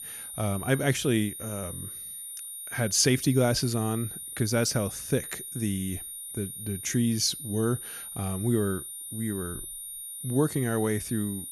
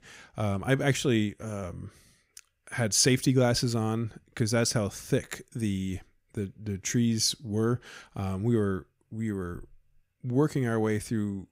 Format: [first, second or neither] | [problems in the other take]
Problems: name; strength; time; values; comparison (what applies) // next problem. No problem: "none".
second | high-pitched whine; loud; throughout; 9.5 kHz, 8 dB below the speech